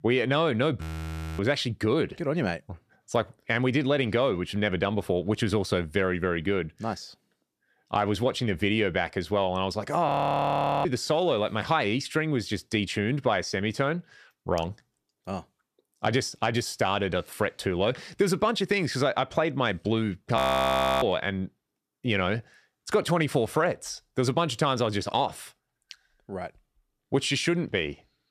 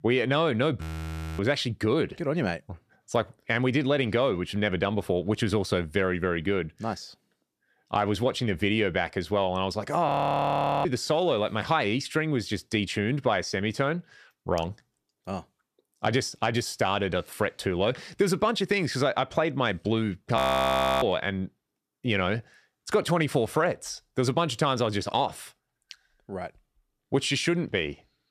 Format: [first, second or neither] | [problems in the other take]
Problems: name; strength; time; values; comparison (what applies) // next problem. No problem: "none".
neither | audio freezing; at 1 s for 0.5 s, at 10 s for 1 s and at 20 s for 0.5 s; the same in both